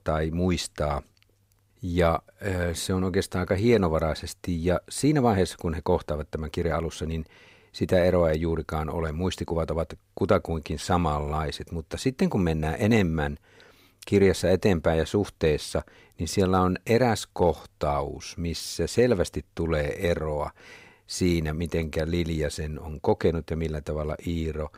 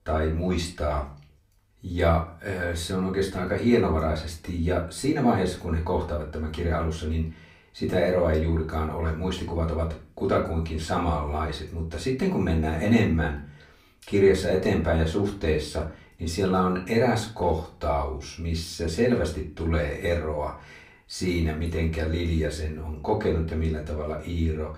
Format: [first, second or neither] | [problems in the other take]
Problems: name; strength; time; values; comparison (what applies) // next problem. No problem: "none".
first | off-mic speech; far // room echo; slight; dies away in 0.3 s